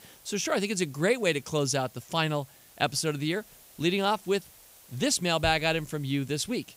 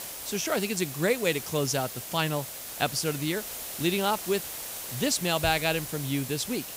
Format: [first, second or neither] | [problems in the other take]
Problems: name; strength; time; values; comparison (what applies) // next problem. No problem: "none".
first | hiss; loud; throughout; 7 dB below the speech; faint in the first